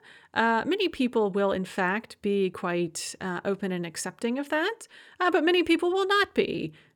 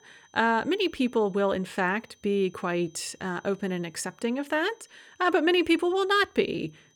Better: first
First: none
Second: high-pitched whine; faint; throughout; 6 kHz, 35 dB below the speech

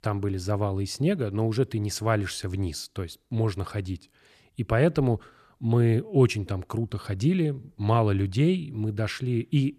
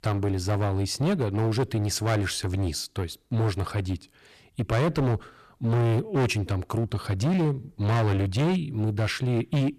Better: first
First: none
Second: distortion; heavy; 16% of the sound clipped

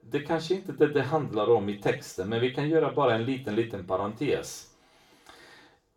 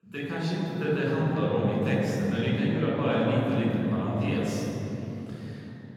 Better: first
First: room echo; slight; dies away in 0.3 s // off-mic speech; far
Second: room echo; strong; dies away in 3 s // off-mic speech; far

